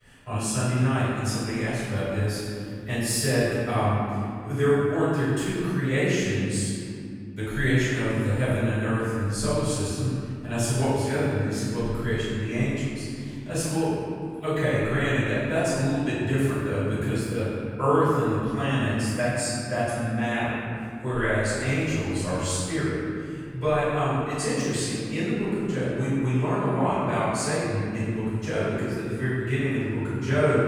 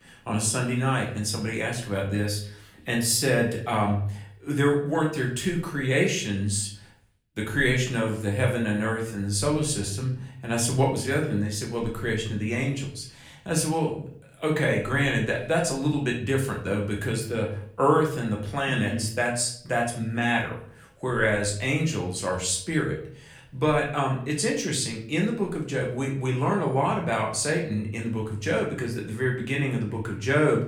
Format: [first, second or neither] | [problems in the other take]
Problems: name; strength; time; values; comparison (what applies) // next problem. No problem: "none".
second | room echo; strong; dies away in 2.7 s; slight in the second // off-mic speech; far; far in the second